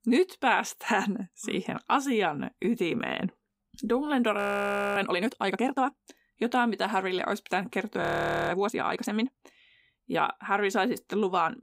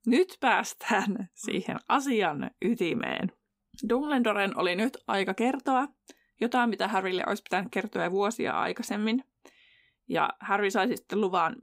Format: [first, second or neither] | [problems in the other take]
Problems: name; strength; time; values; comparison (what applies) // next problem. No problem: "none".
second | audio freezing; at 4.5 s for 0.5 s and at 8 s